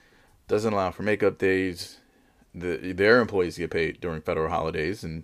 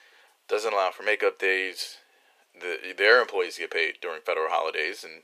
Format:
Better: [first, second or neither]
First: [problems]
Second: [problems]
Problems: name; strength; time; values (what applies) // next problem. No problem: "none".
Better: first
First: none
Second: thin; very; fading below 450 Hz